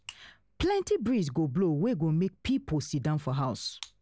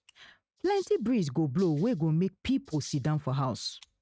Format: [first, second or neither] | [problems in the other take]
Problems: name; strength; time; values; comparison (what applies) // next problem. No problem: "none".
first | noise reduction (neural mask model RNNoise)